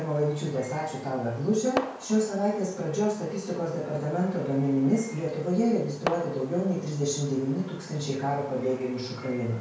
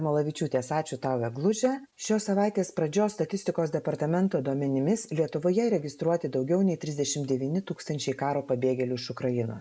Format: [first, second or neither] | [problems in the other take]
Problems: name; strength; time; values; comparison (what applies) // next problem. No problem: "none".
second | background sound (Fireworks); 14 dB below the speech // room echo; dies away in 0.5 s